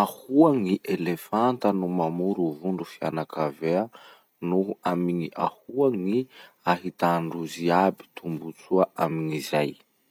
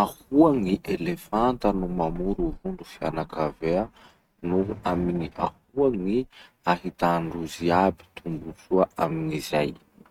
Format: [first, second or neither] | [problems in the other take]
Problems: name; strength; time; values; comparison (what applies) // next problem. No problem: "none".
first | noise reduction (neural mask model RNNoise)